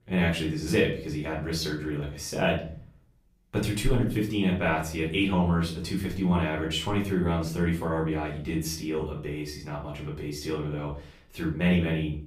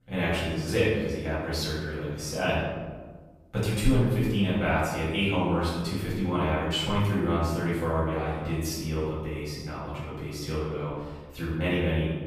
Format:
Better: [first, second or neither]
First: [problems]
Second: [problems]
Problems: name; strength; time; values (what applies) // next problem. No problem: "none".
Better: first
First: room echo; slight; dies away in 0.4 s // off-mic speech; far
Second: room echo; strong; dies away in 1.2 s // off-mic speech; far